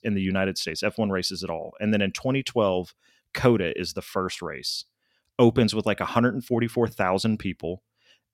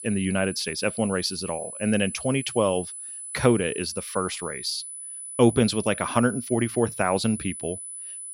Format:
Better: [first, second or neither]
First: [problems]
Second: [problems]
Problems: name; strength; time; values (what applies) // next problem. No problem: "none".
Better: first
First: none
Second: high-pitched whine; loud; throughout; 10 kHz, 9 dB below the speech